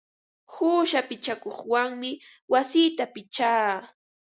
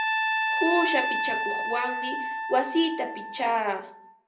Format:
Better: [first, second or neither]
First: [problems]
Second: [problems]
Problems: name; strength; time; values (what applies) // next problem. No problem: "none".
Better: first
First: none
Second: background sound (Trumpet); as loud as the speech // room echo; dies away in 0.5 s